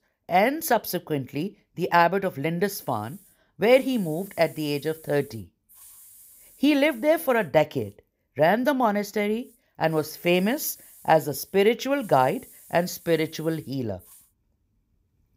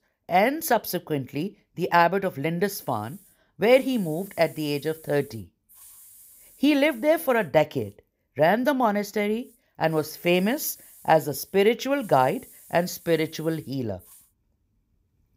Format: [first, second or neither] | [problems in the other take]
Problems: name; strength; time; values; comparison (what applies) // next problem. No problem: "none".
neither | hiss; faint; from 3 to 8 s and from 9.5 to 14 s; 25 dB below the speech; the same in both